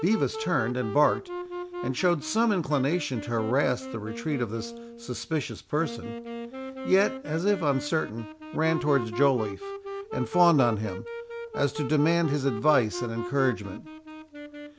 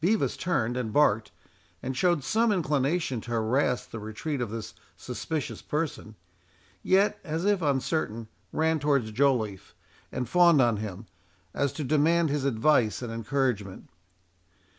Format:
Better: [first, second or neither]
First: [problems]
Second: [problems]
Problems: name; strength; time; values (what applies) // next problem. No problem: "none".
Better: second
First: background sound (Wind instrument, woodwind instrument); 10 dB below the speech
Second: none